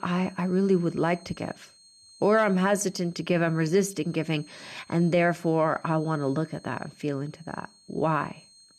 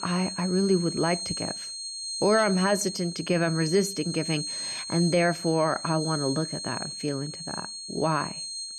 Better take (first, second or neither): first